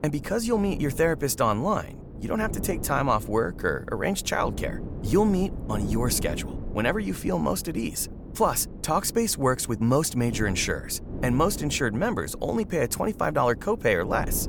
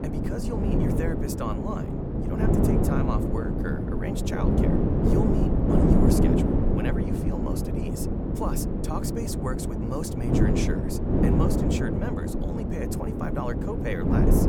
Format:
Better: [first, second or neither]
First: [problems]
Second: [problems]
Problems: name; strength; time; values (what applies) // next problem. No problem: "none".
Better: first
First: wind noise on the microphone; occasional gusts; 15 dB below the speech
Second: wind noise on the microphone; heavy; 5 dB above the speech